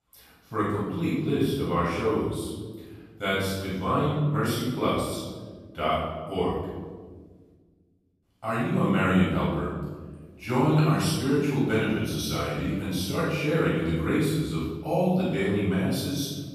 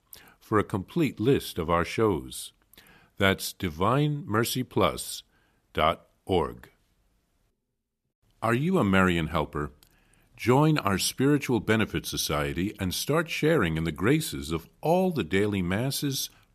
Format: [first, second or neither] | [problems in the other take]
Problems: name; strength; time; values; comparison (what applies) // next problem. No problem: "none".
second | off-mic speech; far // room echo; strong; dies away in 1.5 s